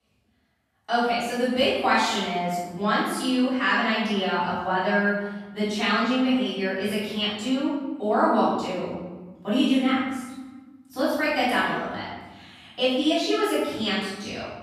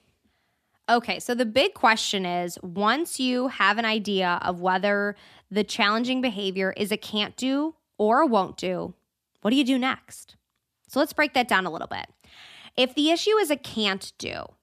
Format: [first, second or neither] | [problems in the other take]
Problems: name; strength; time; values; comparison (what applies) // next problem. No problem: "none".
second | room echo; strong; dies away in 1.1 s // off-mic speech; far